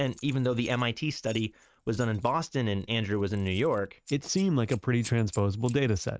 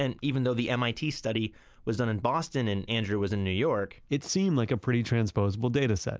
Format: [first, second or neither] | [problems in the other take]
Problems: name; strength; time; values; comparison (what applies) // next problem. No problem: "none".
second | noise reduction (neural mask model RNNoise)